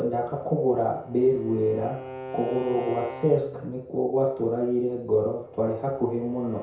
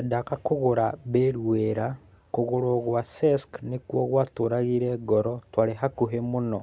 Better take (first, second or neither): second